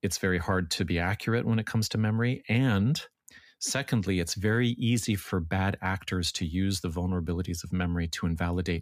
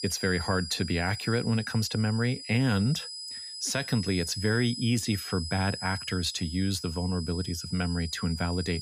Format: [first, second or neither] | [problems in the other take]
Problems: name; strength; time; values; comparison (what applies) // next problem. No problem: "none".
first | high-pitched whine; loud; throughout; 5 kHz, 8 dB below the speech